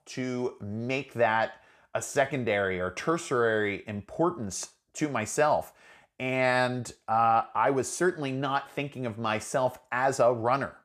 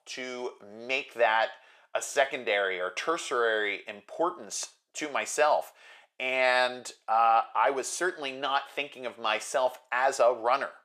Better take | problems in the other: first | thin; somewhat; fading below 550 Hz

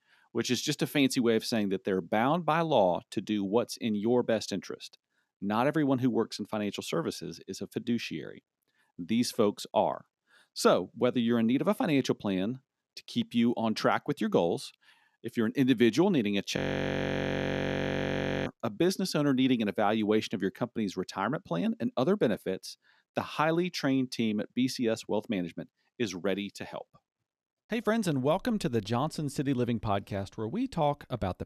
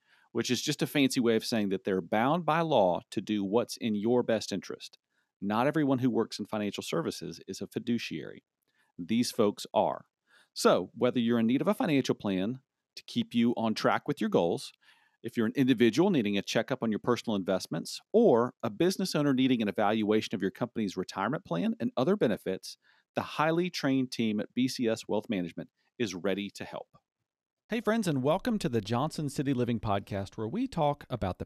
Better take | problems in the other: second | audio freezing; at 17 s for 2 s

